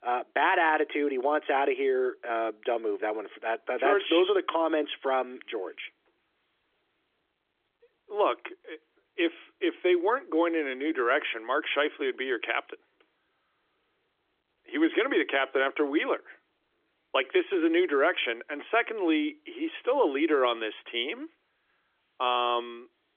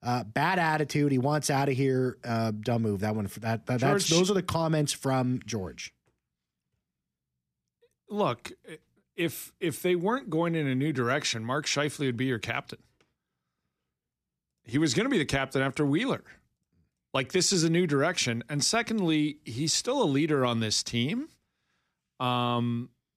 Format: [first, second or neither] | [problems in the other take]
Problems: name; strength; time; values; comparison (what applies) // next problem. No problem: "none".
second | phone-call audio; nothing above 3.5 kHz